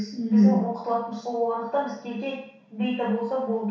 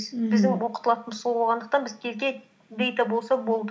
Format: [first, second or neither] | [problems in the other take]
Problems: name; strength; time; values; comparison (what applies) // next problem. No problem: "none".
second | room echo; dies away in 0.6 s